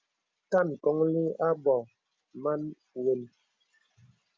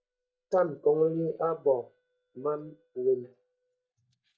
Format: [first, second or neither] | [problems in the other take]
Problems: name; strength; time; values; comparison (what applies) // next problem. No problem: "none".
first | noise reduction (neural mask model DeepFilterNet 3)